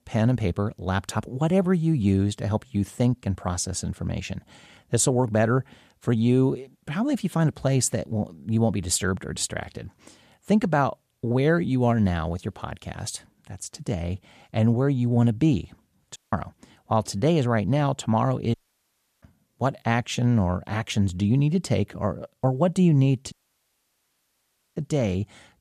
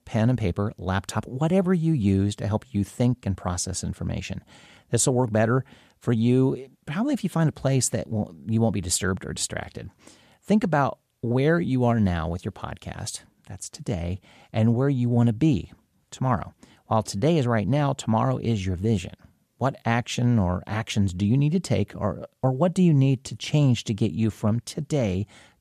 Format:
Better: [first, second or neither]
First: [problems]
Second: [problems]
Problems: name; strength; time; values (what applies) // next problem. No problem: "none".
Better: second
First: audio cutting out; at 16 s, at 19 s for 0.5 s and at 23 s for 1.5 s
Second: none